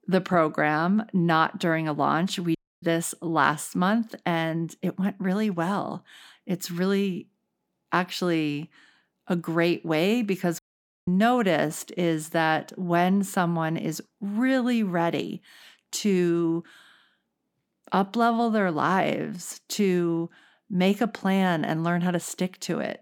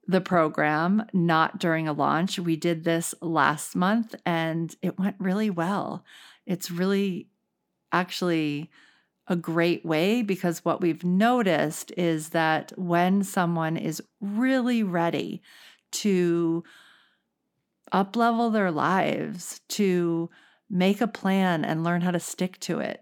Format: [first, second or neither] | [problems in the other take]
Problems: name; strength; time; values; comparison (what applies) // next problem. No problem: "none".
second | audio cutting out; at 2.5 s and at 11 s